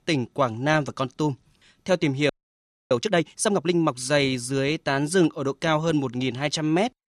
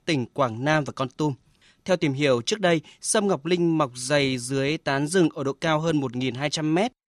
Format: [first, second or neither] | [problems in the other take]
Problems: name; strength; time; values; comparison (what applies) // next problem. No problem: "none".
second | audio freezing; at 2.5 s for 0.5 s